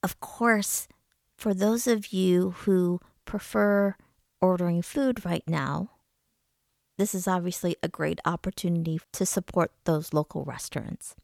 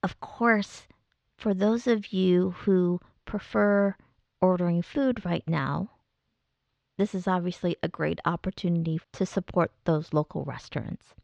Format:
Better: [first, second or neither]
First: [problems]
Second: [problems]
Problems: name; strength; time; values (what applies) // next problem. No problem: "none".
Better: first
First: none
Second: muffled; slightly; fading above 4.5 kHz